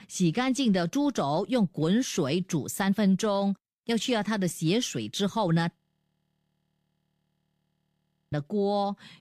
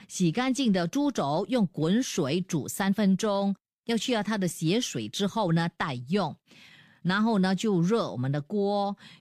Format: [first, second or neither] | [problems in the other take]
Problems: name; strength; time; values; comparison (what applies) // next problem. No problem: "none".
second | audio freezing; at 6 s for 2.5 s